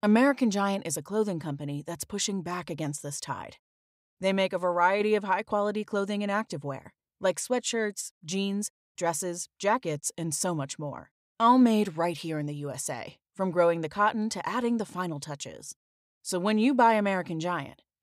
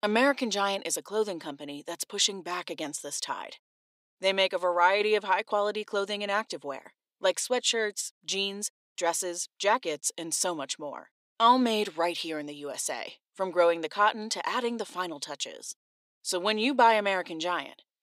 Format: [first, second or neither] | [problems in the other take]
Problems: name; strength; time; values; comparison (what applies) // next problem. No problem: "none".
first | thin; somewhat; fading below 300 Hz